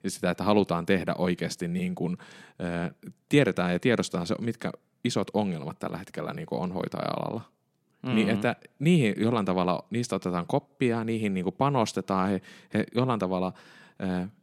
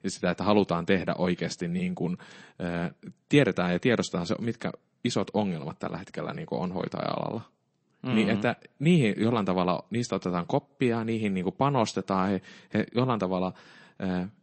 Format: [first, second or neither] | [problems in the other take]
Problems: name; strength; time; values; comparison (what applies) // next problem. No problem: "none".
first | garbled, watery; slightly; nothing above 8 kHz